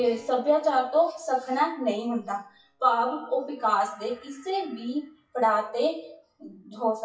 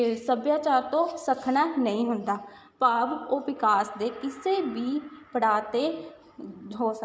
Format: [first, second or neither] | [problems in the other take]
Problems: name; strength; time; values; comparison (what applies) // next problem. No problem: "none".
second | noise reduction (classical method WPE with log-MMSE)